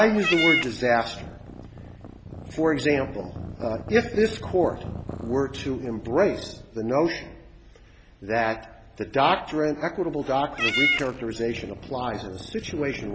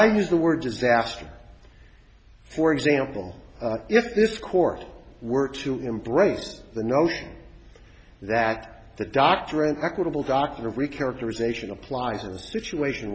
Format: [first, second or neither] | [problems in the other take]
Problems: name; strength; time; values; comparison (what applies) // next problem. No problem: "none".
second | background sound (Meow / Purr); 7 dB below the speech